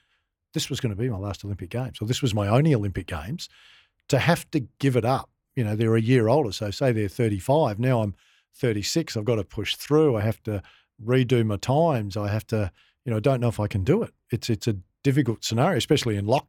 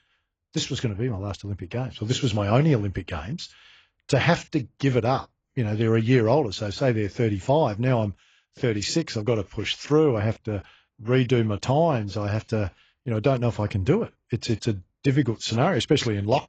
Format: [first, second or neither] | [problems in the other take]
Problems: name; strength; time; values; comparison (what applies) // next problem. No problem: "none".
first | garbled, watery; badly; nothing above 7.5 kHz